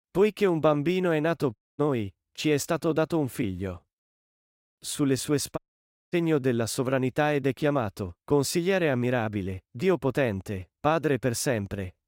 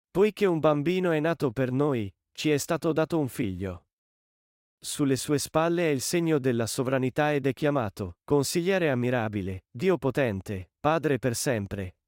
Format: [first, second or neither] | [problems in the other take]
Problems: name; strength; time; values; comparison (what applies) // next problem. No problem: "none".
second | audio cutting out; at 1.5 s and at 5.5 s for 0.5 s